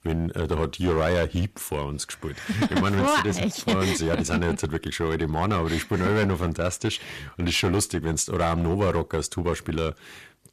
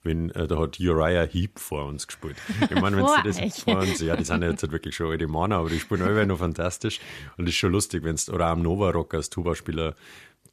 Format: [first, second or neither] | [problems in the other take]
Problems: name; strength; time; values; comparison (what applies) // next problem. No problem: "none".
second | distortion; slight; 9% of the sound clipped